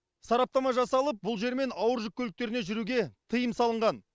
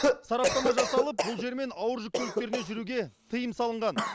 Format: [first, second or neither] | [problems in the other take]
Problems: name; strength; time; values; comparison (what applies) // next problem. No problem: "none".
first | background sound (Cough); 1 dB above the speech